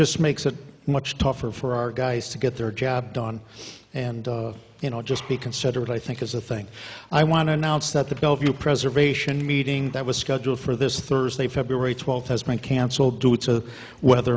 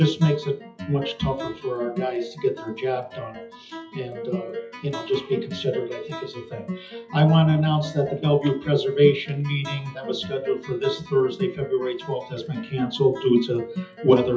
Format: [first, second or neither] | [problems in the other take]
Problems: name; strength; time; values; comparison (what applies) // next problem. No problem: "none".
first | noise reduction (classical method WPE with log-MMSE)